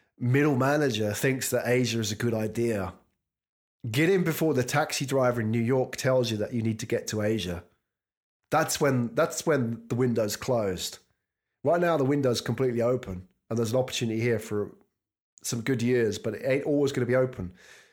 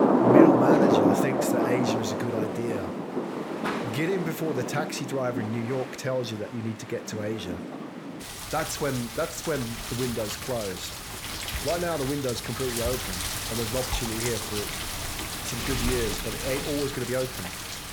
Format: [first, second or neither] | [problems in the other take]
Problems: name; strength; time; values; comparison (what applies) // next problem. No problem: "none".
first | rain or running water; very loud; throughout; 3 dB above the speech